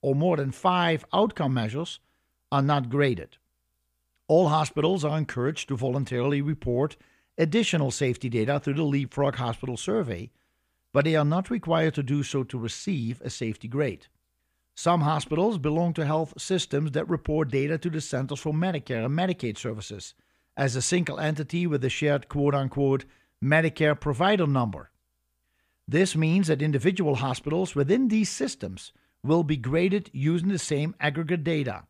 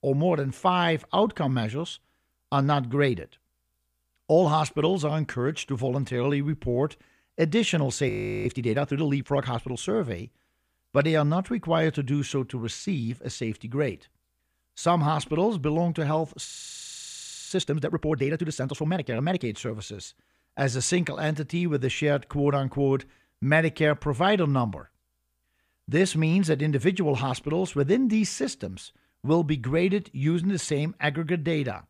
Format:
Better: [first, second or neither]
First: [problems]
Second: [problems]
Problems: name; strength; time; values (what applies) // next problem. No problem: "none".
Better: first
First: none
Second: audio freezing; at 8 s and at 16 s for 1 s